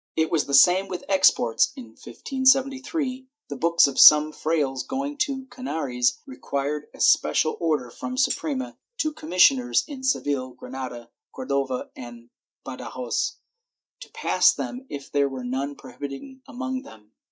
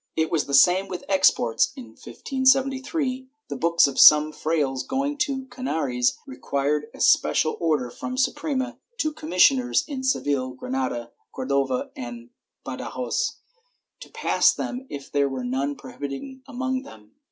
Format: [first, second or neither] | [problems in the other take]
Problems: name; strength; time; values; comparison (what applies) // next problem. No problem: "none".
second | noise reduction (neural mask model DeepFilterNet 3)